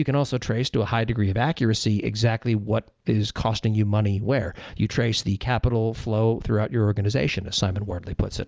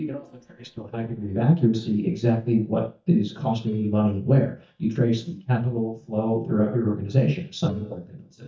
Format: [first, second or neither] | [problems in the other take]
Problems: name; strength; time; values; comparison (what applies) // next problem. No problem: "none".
first | noise reduction (neural mask model DeepFilterNet 3)